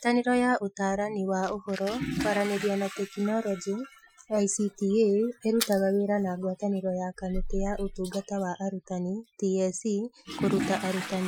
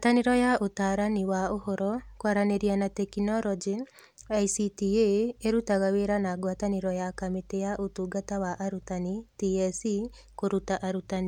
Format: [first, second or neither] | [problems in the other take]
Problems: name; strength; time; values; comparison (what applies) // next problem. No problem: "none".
second | noise reduction (classical method Wiener filter)